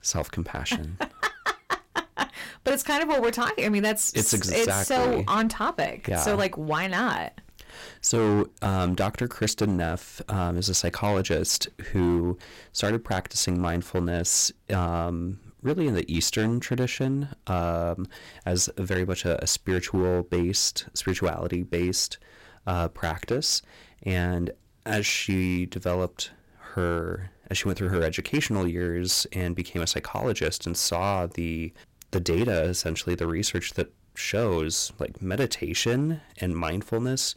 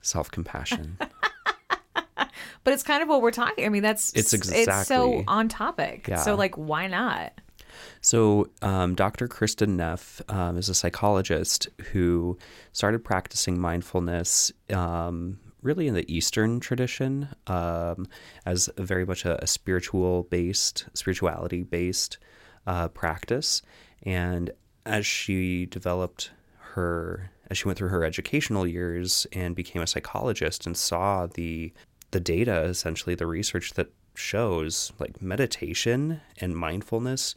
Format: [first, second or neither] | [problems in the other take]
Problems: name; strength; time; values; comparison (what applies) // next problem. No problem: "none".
second | distortion; slight; 7% of the sound clipped